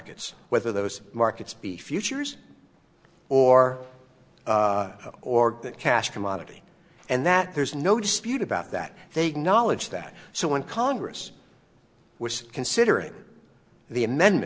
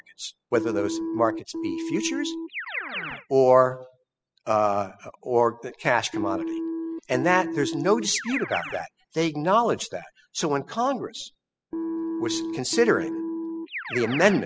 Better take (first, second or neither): first